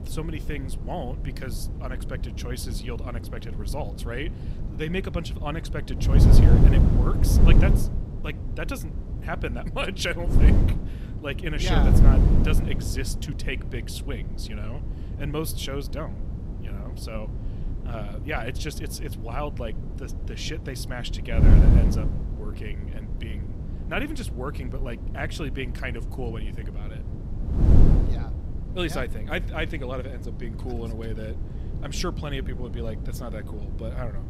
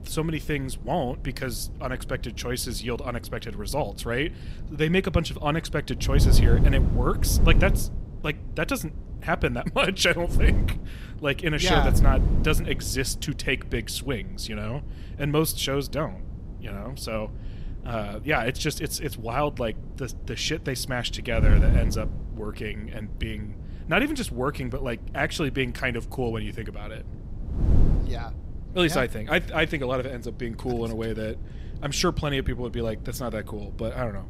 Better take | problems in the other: second | wind noise on the microphone; heavy; 4 dB below the speech; occasional gusts in the second

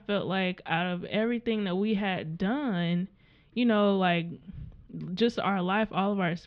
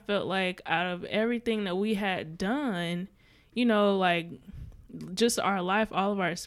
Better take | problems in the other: second | muffled; slightly; fading above 3.5 kHz

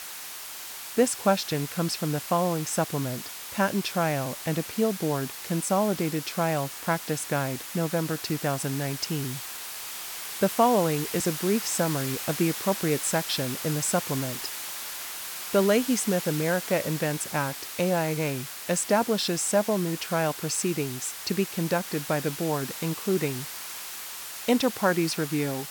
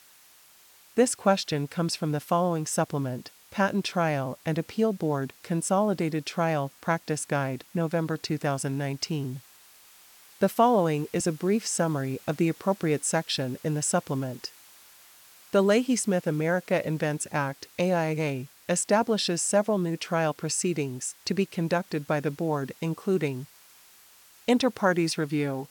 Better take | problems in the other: second | hiss; loud; throughout; 7 dB below the speech; faint in the second

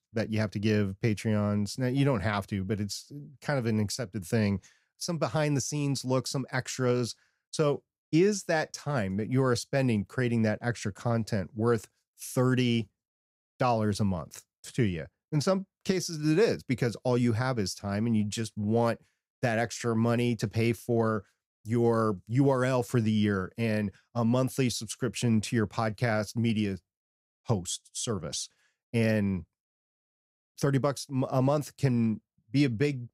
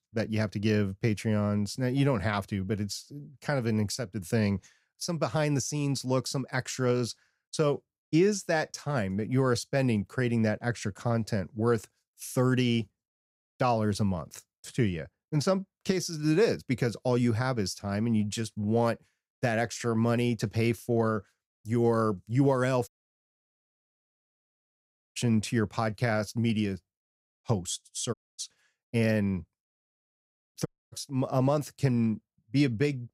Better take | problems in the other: first | audio cutting out; at 23 s for 2.5 s, at 28 s and at 31 s

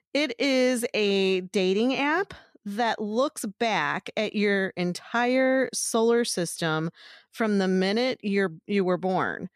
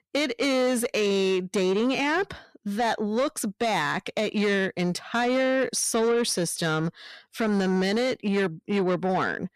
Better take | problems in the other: first | distortion; slight; 10 dB below the speech

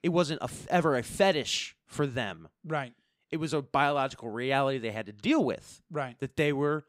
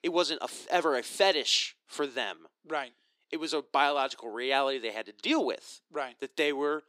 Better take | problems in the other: first | thin; somewhat; fading below 350 Hz

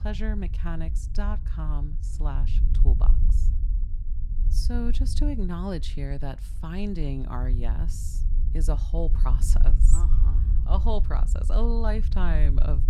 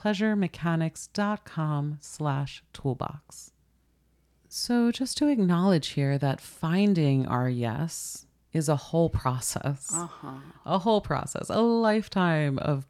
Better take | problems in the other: second | low rumble; noticeable; throughout; 10 dB below the speech

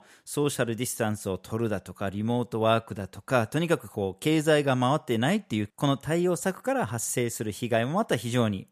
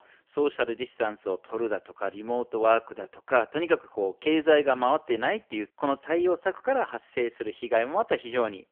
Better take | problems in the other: first | phone-call audio; poor line; nothing above 3 kHz

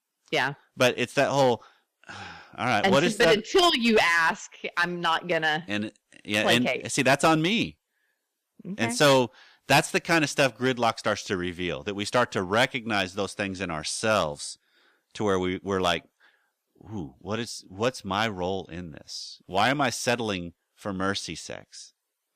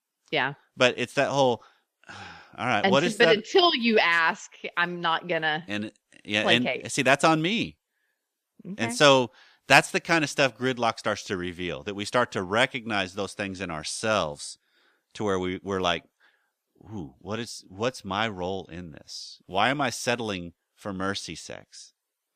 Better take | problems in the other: second | distortion; slight; 2% of the sound clipped

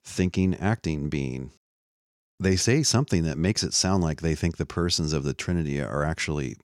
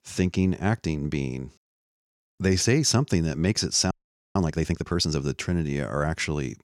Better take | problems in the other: first | audio freezing; at 4 s

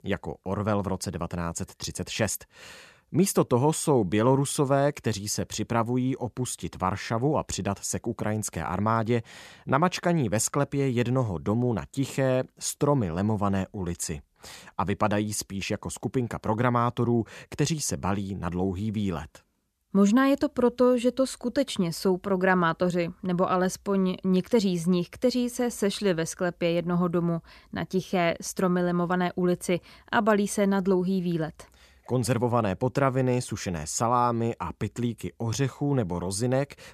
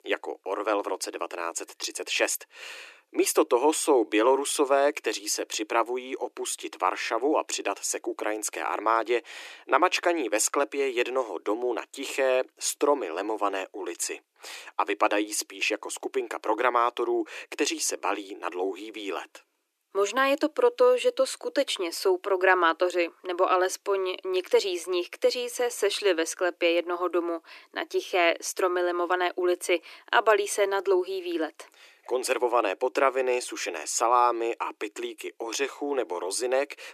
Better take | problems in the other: first | thin; very; fading below 300 Hz

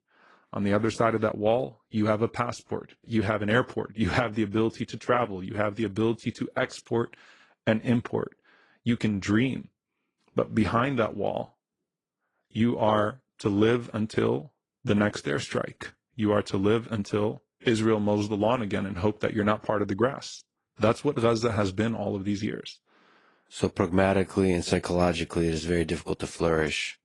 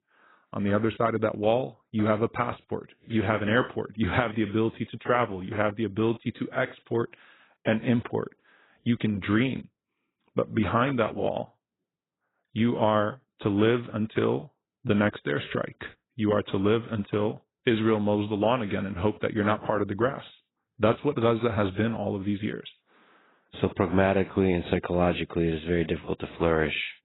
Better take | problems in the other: first | garbled, watery; badly; nothing above 4 kHz; slightly in the first

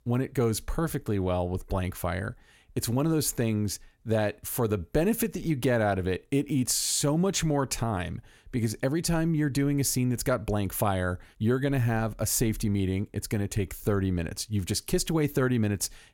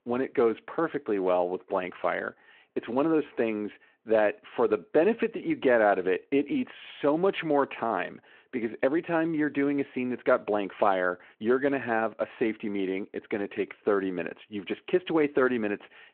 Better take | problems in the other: first | phone-call audio

